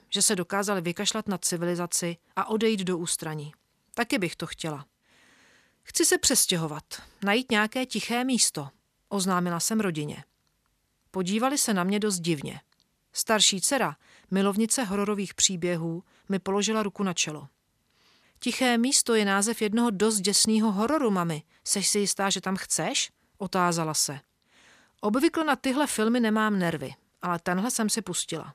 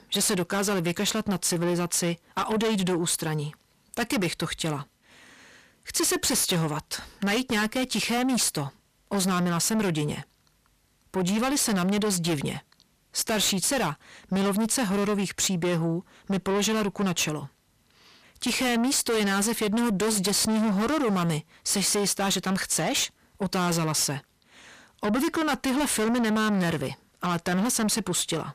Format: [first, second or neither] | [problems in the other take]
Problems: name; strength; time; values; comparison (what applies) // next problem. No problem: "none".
first | distortion; heavy; 6 dB below the speech